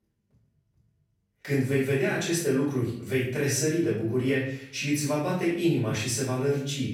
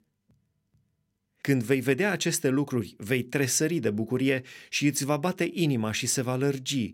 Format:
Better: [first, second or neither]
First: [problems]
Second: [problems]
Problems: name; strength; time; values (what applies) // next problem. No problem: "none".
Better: second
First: off-mic speech; far // room echo; noticeable; dies away in 0.6 s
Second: none